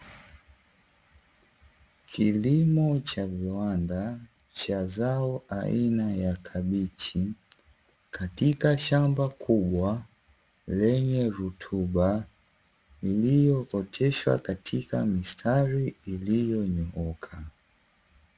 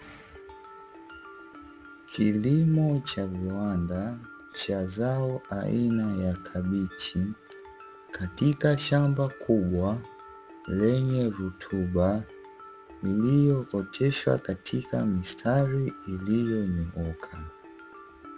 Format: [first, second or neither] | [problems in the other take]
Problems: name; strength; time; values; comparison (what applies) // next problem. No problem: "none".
first | background sound (Mallet percussion); 19 dB below the speech